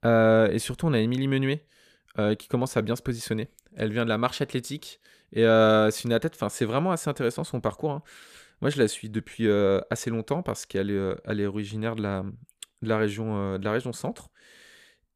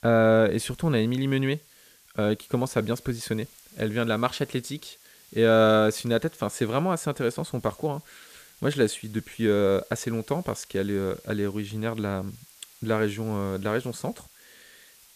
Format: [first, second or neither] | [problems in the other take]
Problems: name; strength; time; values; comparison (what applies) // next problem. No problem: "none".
first | hiss; faint; throughout; 25 dB below the speech